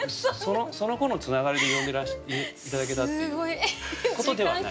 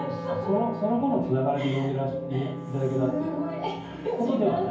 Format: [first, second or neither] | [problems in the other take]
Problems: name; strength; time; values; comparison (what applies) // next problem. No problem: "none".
first | background sound (Wind instrument, woodwind instrument); 12 dB below the speech // room echo; dies away in 0.9 s